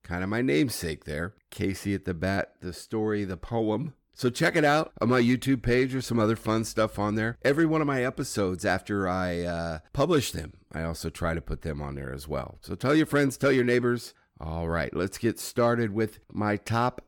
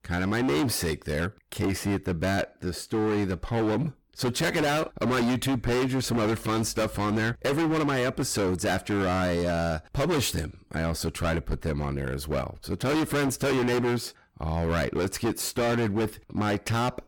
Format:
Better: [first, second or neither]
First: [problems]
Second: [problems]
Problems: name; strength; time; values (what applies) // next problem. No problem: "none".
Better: first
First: none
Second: distortion; heavy; 26% of the sound clipped